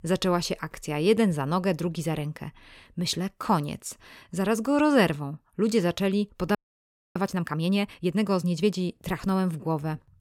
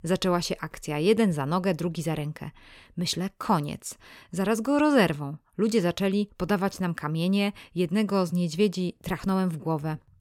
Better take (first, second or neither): second